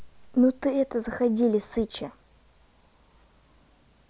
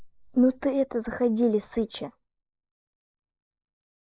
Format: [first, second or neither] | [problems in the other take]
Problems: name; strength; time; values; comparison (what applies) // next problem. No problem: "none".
first | noise reduction (neural mask model Resemble Enhance denoiser)